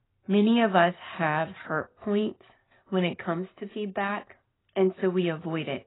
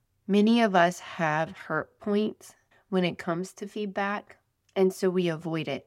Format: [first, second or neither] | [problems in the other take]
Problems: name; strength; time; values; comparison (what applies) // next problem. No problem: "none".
second | garbled, watery; badly; nothing above 3.5 kHz